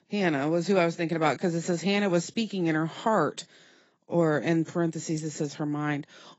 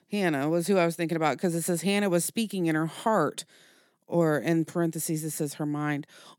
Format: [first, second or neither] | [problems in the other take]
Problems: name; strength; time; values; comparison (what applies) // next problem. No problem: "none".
second | garbled, watery; badly; nothing above 8 kHz